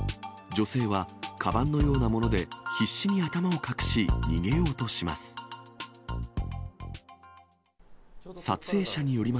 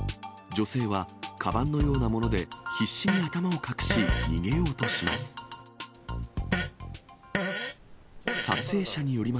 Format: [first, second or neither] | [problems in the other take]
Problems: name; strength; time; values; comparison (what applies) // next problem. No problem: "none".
first | background sound (Fart); 5 dB below the speech